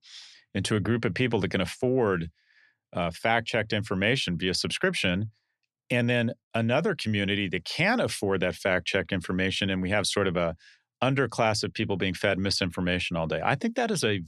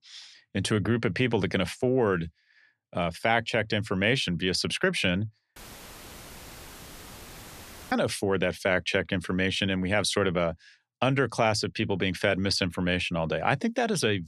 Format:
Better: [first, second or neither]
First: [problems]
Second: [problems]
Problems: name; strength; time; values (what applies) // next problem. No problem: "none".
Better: first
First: none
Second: audio cutting out; filled with static; at 5.5 s for 2.5 s